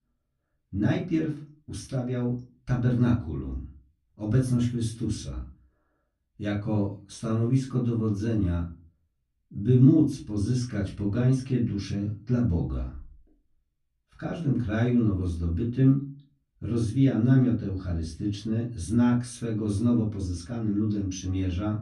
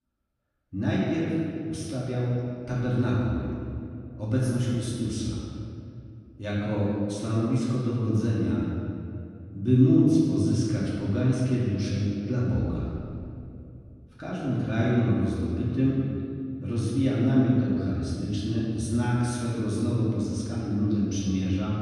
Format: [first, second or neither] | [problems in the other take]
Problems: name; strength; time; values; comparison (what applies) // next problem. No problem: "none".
first | room echo; strong; dies away in 2.2 s; slight in the first // off-mic speech; far; far in the first